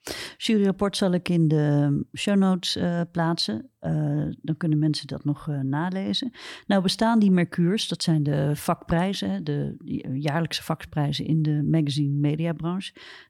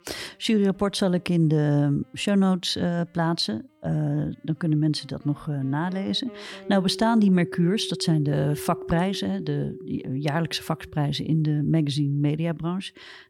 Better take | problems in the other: first | background music; noticeable; throughout; 15 dB below the speech

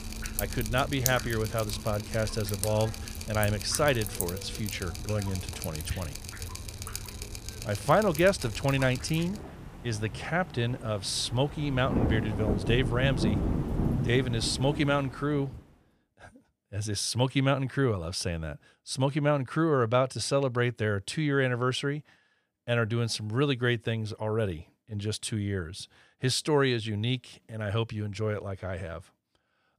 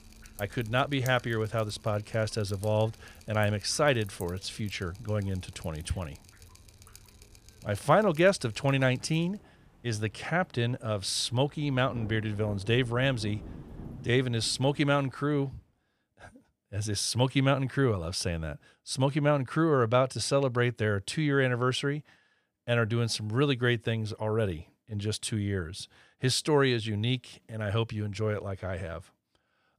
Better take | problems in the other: second | rain or running water; loud; until 15 s; 6 dB below the speech; faint in the second

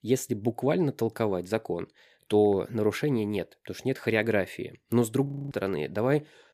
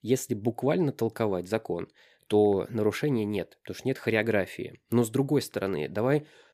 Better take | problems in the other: second | audio freezing; at 5.5 s

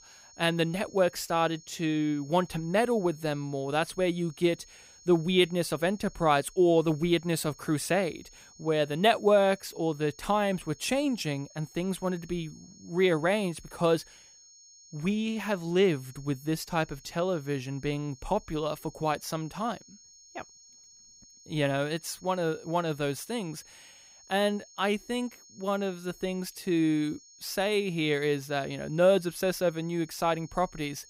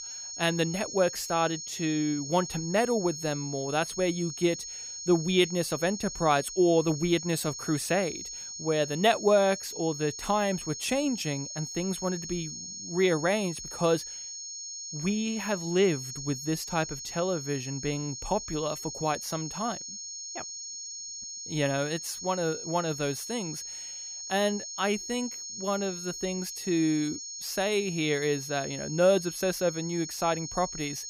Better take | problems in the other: first | high-pitched whine; loud; throughout; 6.5 kHz, 8 dB below the speech; faint in the first

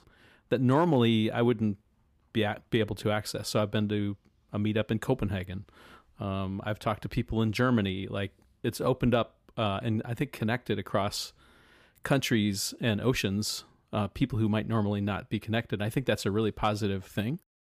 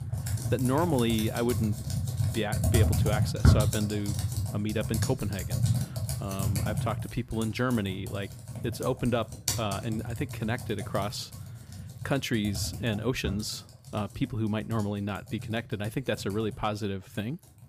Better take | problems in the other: first | household noises; very loud; throughout; as loud as the speech

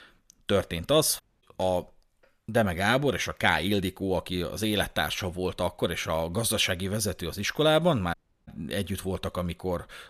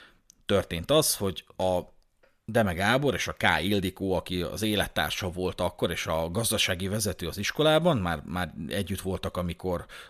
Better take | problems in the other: second | audio cutting out; at 1 s and at 8 s

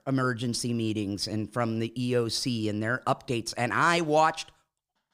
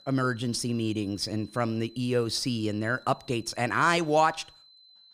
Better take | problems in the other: first | high-pitched whine; faint; throughout; 4 kHz, 25 dB below the speech

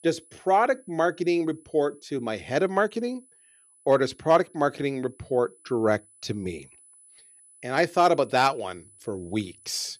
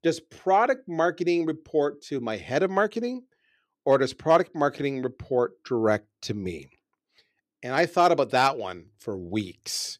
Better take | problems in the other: second | high-pitched whine; faint; throughout; 10 kHz, 30 dB below the speech

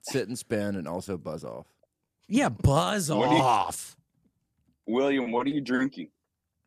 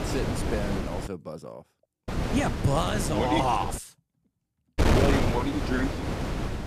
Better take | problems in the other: first | wind noise on the microphone; heavy; until 1 s, from 2 to 4 s and from 5 s on; 3 dB below the speech

